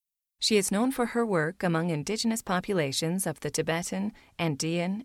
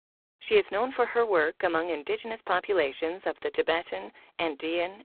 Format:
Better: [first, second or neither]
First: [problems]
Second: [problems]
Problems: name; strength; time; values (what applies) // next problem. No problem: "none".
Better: first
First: none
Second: phone-call audio; poor line